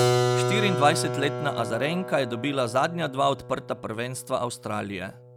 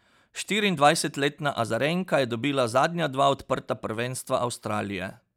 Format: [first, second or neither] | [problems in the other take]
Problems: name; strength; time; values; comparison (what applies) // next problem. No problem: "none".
second | background sound (Keyboard (musical)); 2 dB below the speech